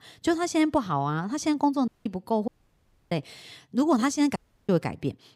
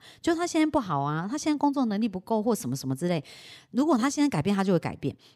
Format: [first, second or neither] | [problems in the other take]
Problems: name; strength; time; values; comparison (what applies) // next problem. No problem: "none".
second | audio cutting out; at 2 s, at 2.5 s for 0.5 s and at 4.5 s